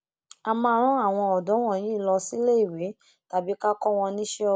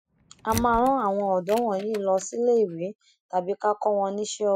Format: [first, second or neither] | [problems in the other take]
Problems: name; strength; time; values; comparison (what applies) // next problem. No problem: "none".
first | noise reduction (classical method Wiener filter)